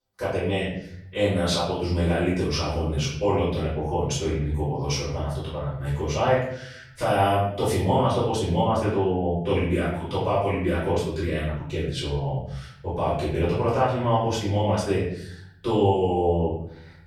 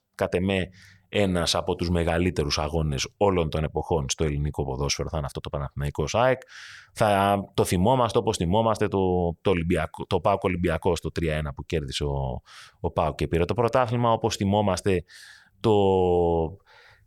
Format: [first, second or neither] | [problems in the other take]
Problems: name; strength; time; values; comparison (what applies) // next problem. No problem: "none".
second | off-mic speech; far // room echo; noticeable; dies away in 0.7 s